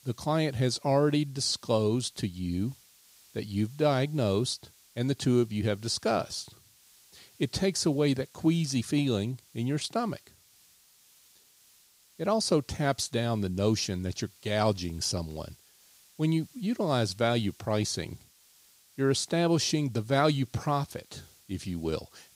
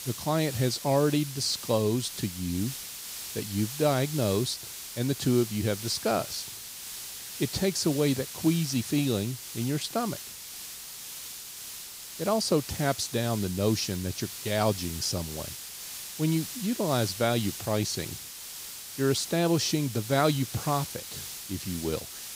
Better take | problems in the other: first | hiss; loud; throughout; 9 dB below the speech; faint in the first

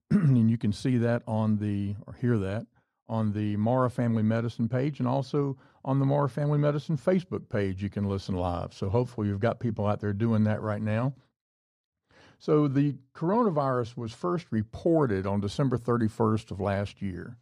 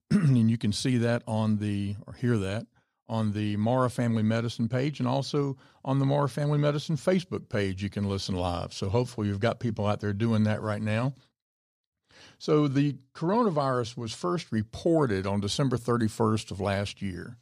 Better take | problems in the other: second | muffled; slightly; fading above 2 kHz

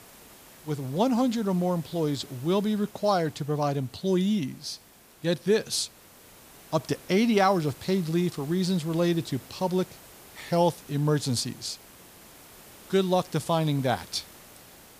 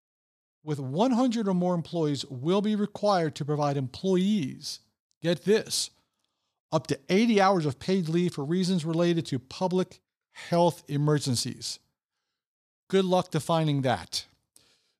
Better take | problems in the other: second | hiss; faint; throughout; 20 dB below the speech

